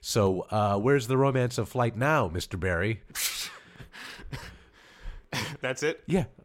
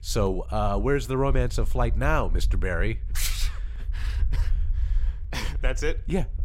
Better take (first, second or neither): first